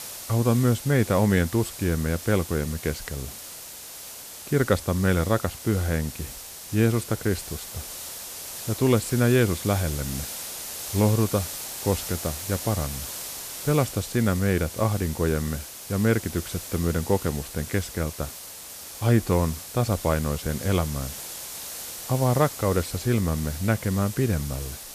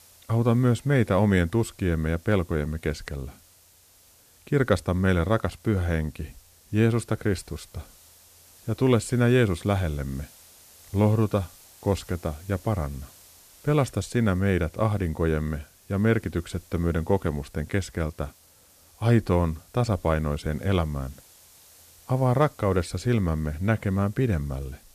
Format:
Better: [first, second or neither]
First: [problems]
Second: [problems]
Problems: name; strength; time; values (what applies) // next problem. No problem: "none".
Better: second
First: hiss; loud; throughout; 10 dB below the speech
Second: hiss; faint; throughout; 25 dB below the speech